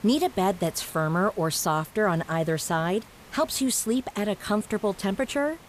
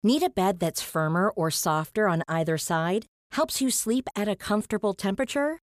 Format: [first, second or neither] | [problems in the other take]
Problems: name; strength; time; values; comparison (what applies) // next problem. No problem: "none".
second | hiss; faint; throughout; 20 dB below the speech